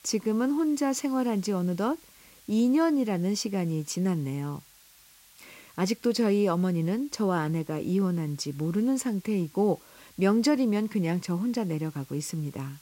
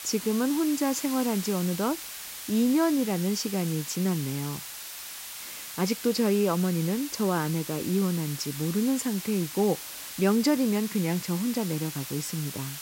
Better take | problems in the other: first | hiss; loud; throughout; 9 dB below the speech; faint in the first

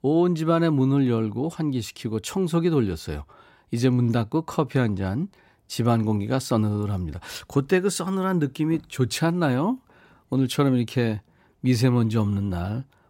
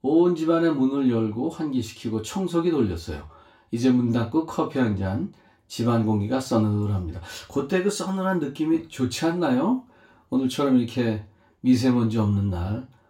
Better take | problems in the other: first | room echo; very slight; dies away in 0.3 s // off-mic speech; far

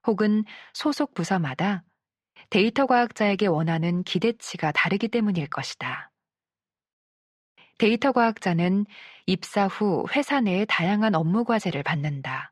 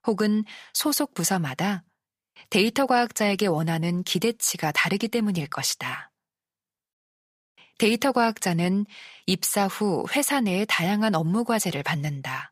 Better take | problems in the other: second | muffled; slightly; fading above 3 kHz

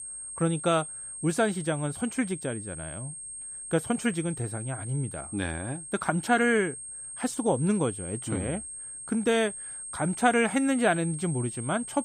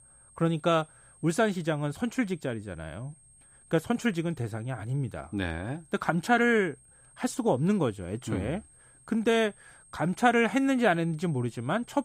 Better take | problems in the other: second | high-pitched whine; loud; throughout; 8.5 kHz, 9 dB below the speech; faint in the second

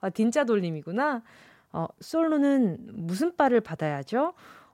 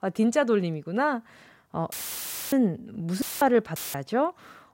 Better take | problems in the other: first | audio cutting out; filled with static; at 2 s for 0.5 s, at 3 s and at 4 s

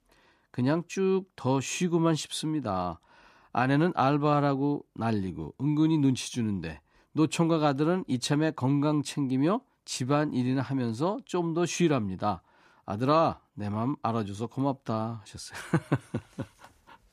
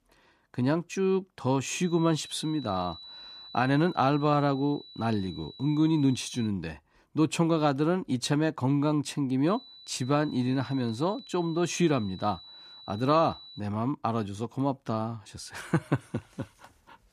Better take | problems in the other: first | high-pitched whine; noticeable; from 2 to 6.5 s and from 9.5 to 14 s; 4 kHz, 20 dB below the speech

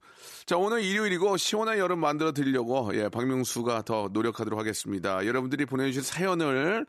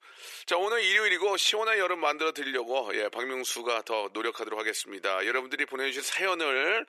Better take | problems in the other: first | thin; very; fading below 400 Hz

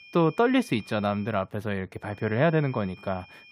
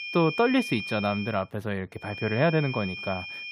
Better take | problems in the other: first | high-pitched whine; loud; until 1.5 s and from 2 s on; 2.5 kHz, 7 dB below the speech; faint in the first

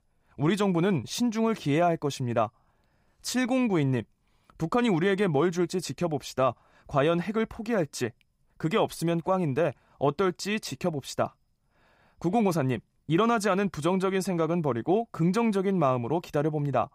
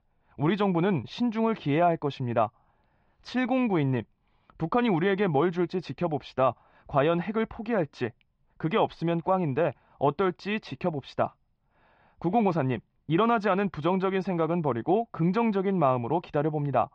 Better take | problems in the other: first | muffled; slightly; fading above 3.5 kHz

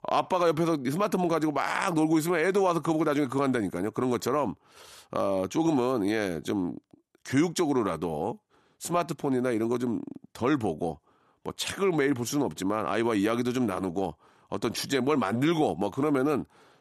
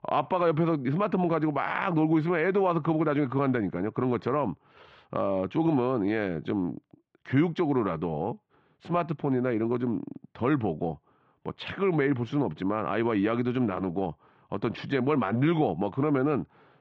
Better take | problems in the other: first | muffled; very; fading above 3 kHz

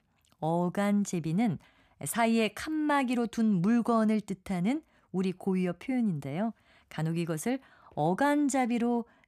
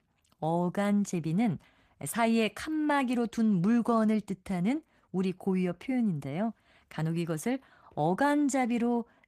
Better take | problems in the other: first | garbled, watery; slightly; nothing above 14.5 kHz

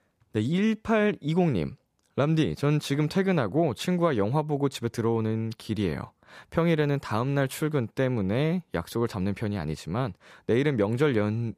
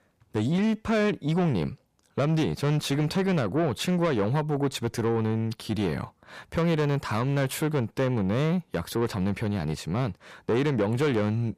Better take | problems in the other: first | distortion; slight; 10 dB below the speech

